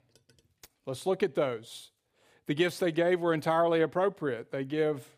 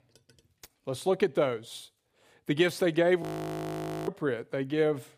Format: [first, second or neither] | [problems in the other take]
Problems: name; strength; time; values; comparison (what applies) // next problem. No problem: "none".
first | audio freezing; at 3 s for 1 s